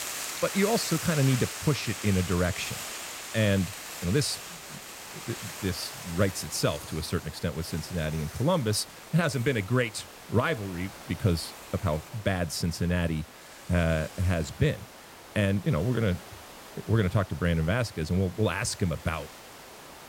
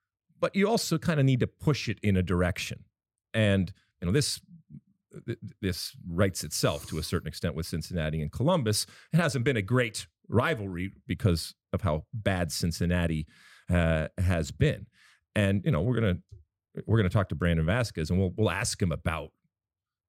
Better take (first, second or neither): second